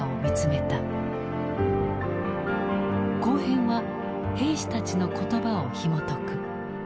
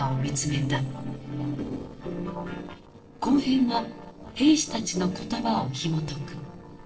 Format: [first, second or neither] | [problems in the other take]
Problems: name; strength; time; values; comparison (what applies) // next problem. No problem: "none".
first | noise reduction (neural separator model SepFormer DNS4)